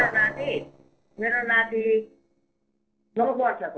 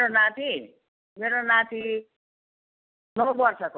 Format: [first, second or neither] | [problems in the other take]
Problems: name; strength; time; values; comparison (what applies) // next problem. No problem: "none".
second | noise reduction (neural separator model SepFormer DNS4)